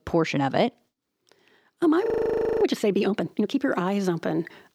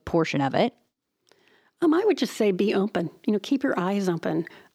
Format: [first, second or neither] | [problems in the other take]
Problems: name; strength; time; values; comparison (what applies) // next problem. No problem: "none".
second | audio freezing; at 2 s for 0.5 s